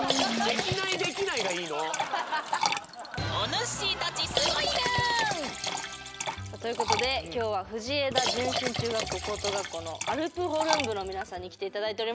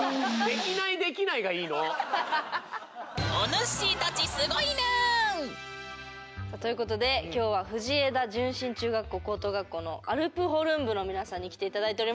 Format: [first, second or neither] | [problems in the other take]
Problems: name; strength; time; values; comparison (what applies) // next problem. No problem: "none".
second | background sound (Liquid); 2 dB below the speech